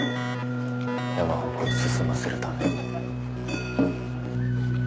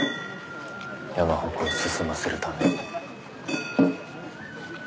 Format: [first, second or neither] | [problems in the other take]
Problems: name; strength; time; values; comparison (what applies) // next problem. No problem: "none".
second | background sound (Keyboard (musical)); 3 dB above the speech